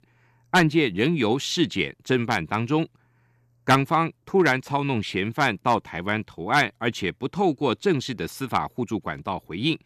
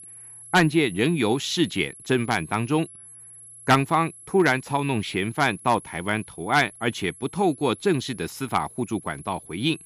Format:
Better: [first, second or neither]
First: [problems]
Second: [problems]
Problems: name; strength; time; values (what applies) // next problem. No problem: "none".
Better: first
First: none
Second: high-pitched whine; noticeable; throughout; 11 kHz, 20 dB below the speech